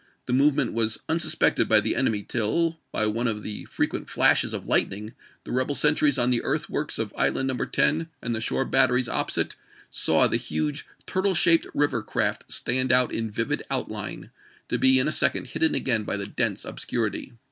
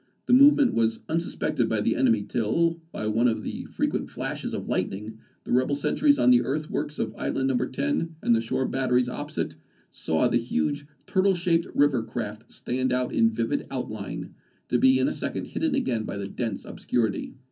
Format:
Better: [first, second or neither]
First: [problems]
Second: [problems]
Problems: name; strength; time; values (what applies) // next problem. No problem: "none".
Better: first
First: none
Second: room echo; dies away in 0.4 s